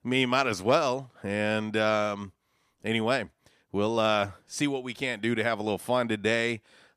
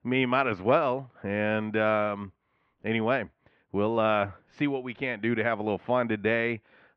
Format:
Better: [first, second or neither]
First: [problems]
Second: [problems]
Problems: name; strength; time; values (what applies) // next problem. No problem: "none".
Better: first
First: none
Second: muffled; very; fading above 2.5 kHz